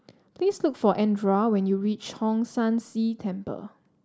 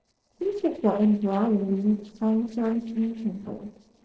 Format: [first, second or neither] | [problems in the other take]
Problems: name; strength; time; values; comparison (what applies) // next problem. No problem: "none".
first | noise reduction (neural separator model SepFormer DNS4)